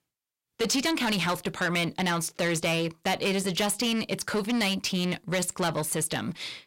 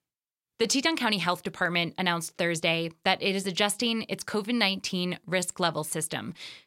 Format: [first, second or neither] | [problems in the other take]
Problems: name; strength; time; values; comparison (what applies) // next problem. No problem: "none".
second | distortion; heavy; 7 dB below the speech